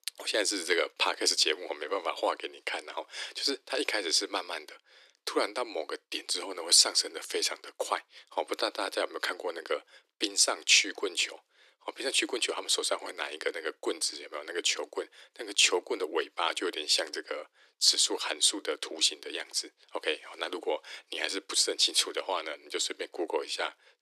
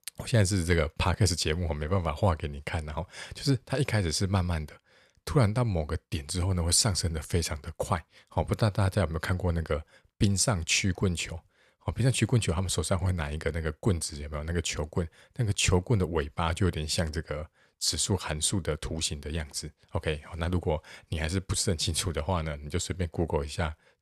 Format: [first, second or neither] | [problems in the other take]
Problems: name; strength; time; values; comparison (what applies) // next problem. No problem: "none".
second | thin; very; fading below 300 Hz